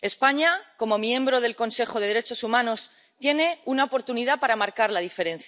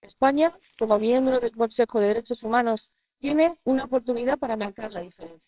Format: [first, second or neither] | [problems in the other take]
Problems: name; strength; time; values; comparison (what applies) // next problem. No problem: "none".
first | noise reduction (neural separator model SepFormer WHAMR!)